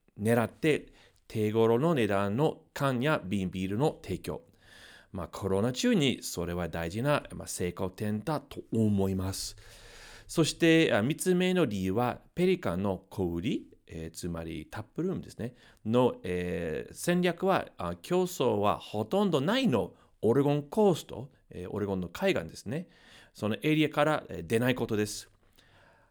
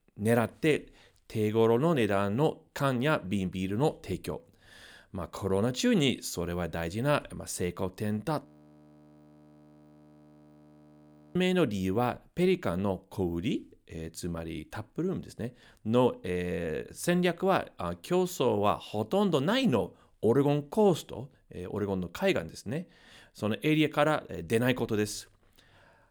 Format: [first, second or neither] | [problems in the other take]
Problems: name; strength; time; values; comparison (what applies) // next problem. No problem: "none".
first | audio freezing; at 8.5 s for 3 s